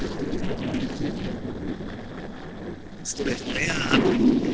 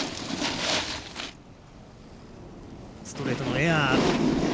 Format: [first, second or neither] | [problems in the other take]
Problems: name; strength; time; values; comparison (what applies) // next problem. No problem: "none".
second | noise reduction (neural separator model SepFormer DNS4)